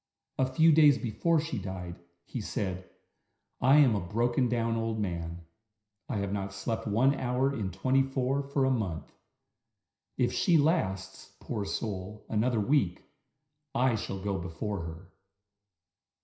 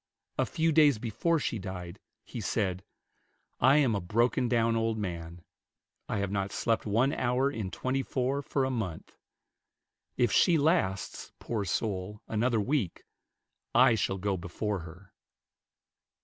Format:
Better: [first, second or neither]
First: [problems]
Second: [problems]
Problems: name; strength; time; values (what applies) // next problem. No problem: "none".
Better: second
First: room echo; dies away in 0.5 s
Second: none